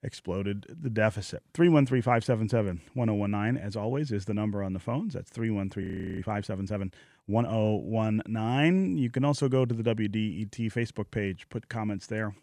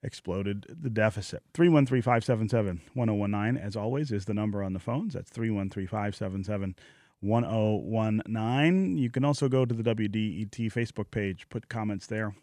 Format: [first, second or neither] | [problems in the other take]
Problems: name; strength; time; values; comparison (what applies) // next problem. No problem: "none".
second | audio freezing; at 6 s